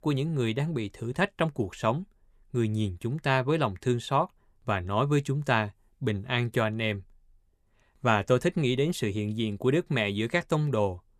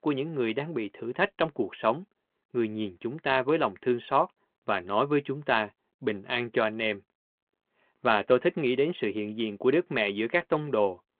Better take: first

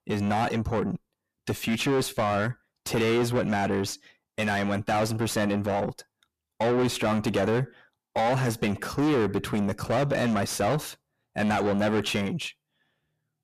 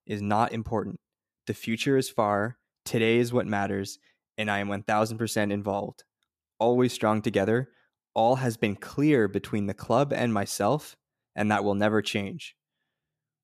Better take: second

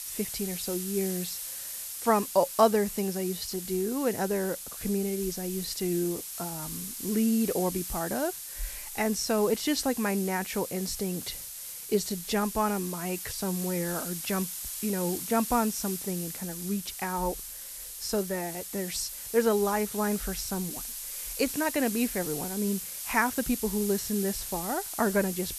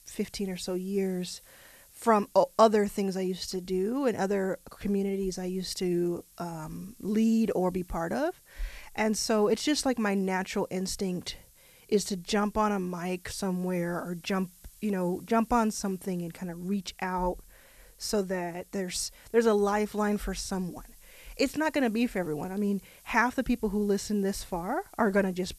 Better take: second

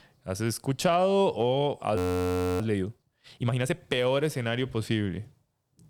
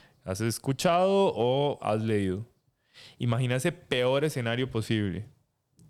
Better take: second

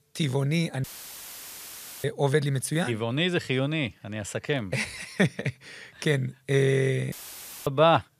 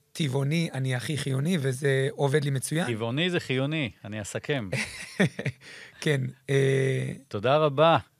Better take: second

